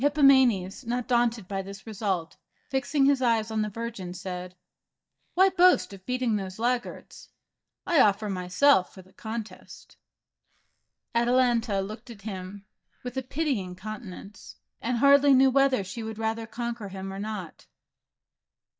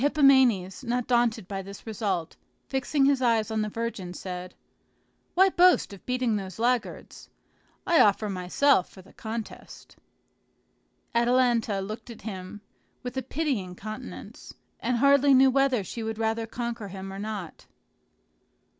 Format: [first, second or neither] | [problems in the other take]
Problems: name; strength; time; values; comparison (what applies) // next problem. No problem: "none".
second | noise reduction (neural mask model DeepFilterNet 3)